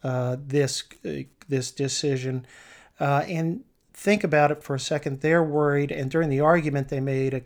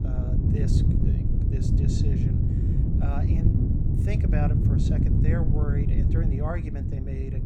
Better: first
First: none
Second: wind noise on the microphone; heavy; 3 dB above the speech

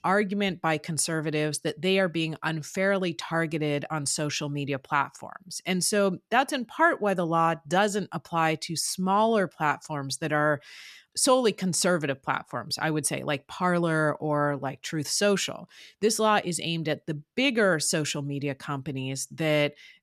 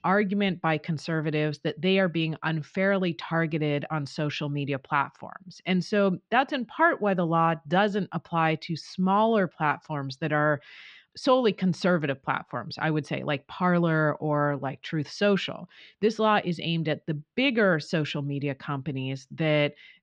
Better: first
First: none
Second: muffled; slightly; fading above 4 kHz

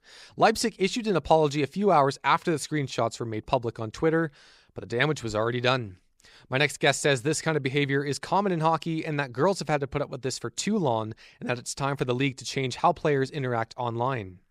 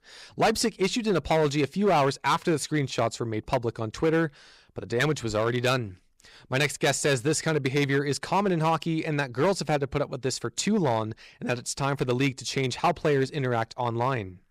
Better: first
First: none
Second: distortion; slight; 5% of the sound clipped

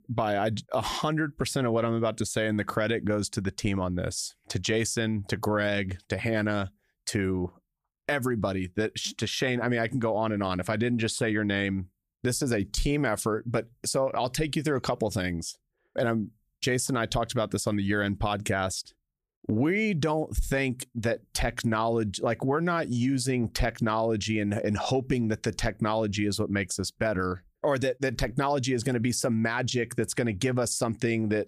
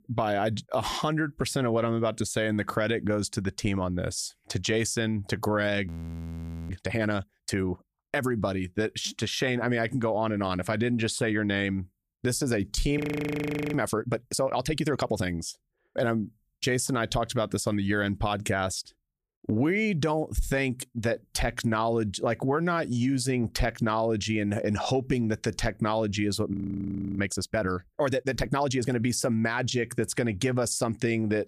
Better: first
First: none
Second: audio freezing; at 6 s for 1 s, at 13 s for 1 s and at 27 s for 0.5 s

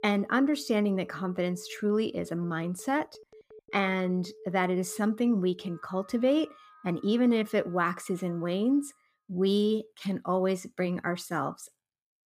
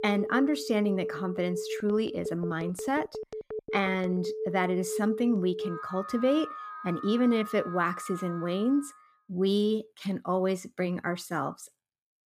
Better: first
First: alarms or sirens; faint; until 8.5 s; 25 dB below the speech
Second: alarms or sirens; loud; until 8.5 s; 8 dB below the speech

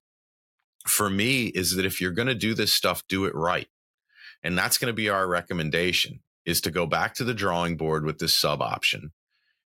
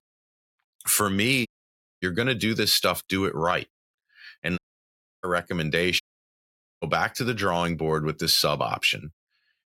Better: first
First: none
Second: audio cutting out; at 1.5 s for 0.5 s, at 4.5 s for 0.5 s and at 6 s for 1 s

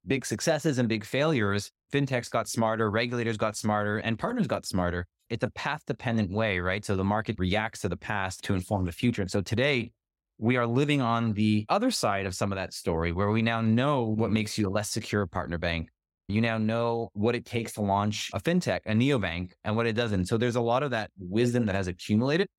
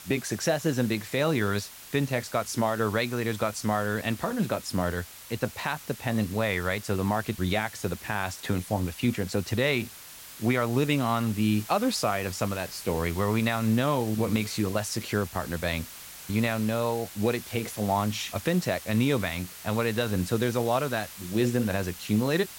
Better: first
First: none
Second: hiss; noticeable; throughout; 15 dB below the speech

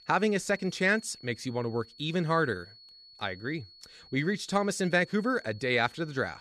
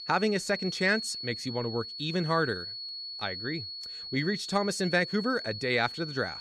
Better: first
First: high-pitched whine; faint; throughout; 4.5 kHz, 20 dB below the speech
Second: high-pitched whine; loud; throughout; 4.5 kHz, 7 dB below the speech

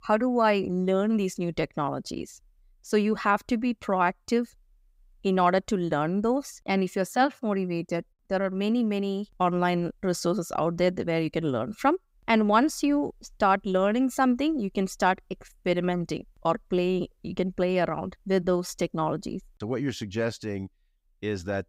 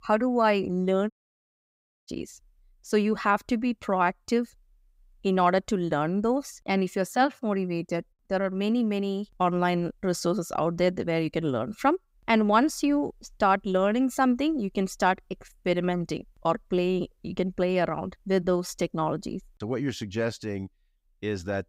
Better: first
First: none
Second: audio cutting out; at 1 s for 1 s

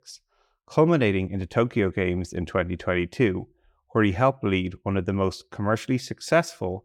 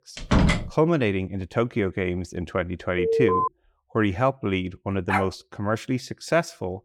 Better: first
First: none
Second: door banging; loud; at the start; peak 5 dB above the speech // alarm; loud; at 3 s; peak 4 dB above the speech // dog barking; noticeable; at 5 s; peak 1 dB below the speech

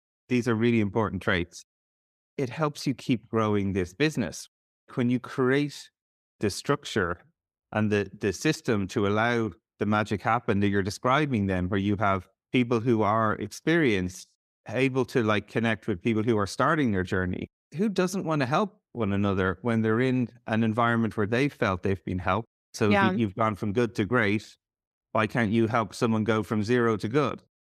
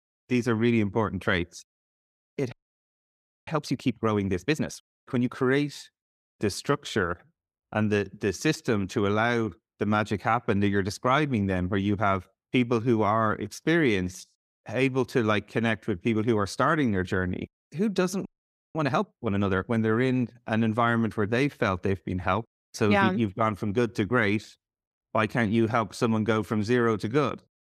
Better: first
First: none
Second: audio freezing; at 2.5 s for 1 s and at 18 s for 0.5 s

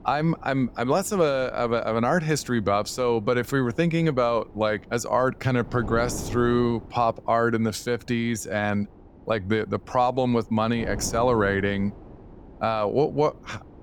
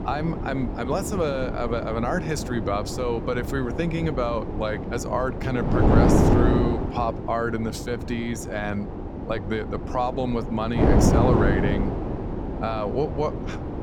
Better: first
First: wind noise on the microphone; occasional gusts; 20 dB below the speech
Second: wind noise on the microphone; heavy; 2 dB below the speech

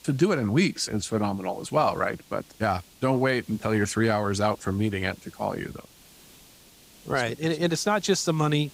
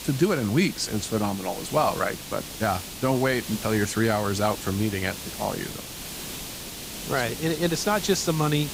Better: first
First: hiss; faint; throughout; 25 dB below the speech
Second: hiss; loud; throughout; 9 dB below the speech

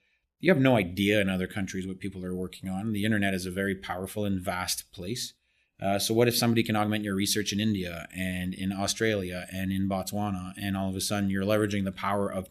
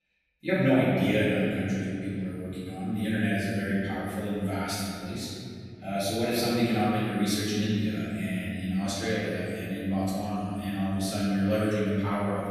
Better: first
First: none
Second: off-mic speech; far // room echo; strong; dies away in 2.8 s

